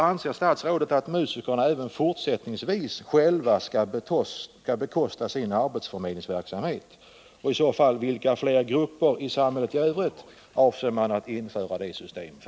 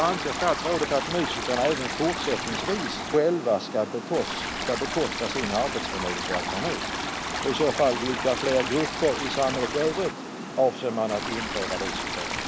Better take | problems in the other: first | background sound (Stream + Water); 4 dB below the speech

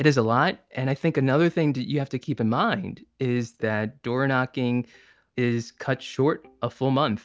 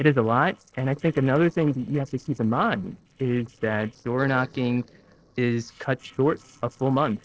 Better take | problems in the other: first | noise reduction (neural separator model SepFormer DNS4)

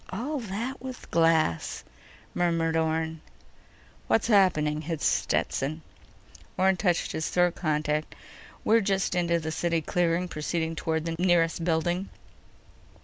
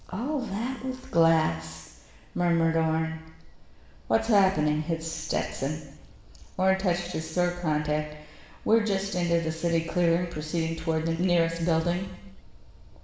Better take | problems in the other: first | room echo; dies away in 0.9 s

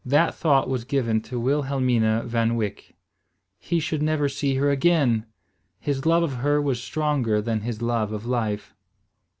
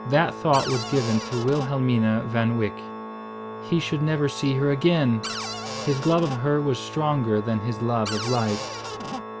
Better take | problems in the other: first | background sound (Organ + Cupboard open or close); 10 dB below the speech

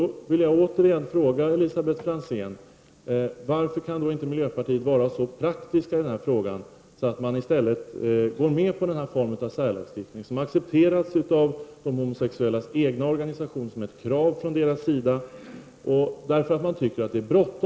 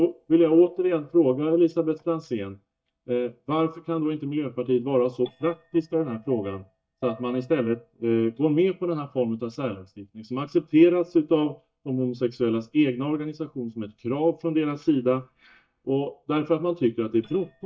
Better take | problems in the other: first | noise reduction (neural mask model DeepFilterNet 3)

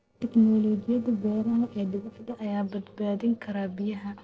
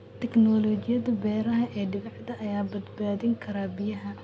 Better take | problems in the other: second | noise reduction (neural separator model SepFormer DNS4)

